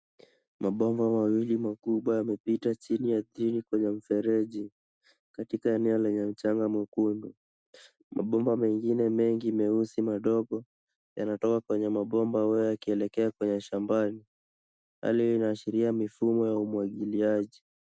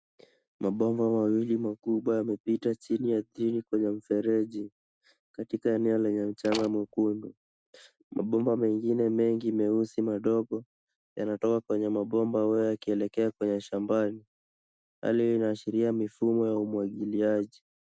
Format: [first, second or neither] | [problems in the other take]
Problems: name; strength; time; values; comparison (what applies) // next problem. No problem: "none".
first | background sound (Slam); 13 dB below the speech